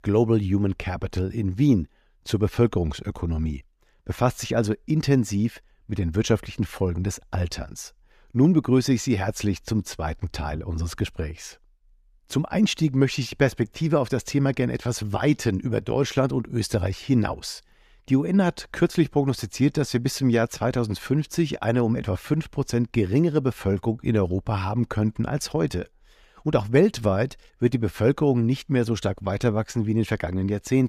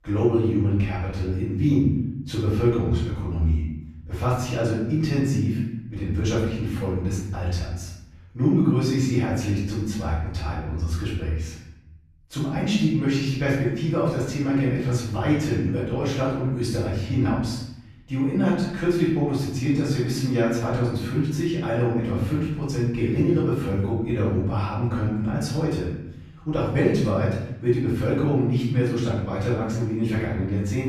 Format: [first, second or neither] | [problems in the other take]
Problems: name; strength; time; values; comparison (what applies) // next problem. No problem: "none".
first | off-mic speech; far // room echo; noticeable; dies away in 0.9 s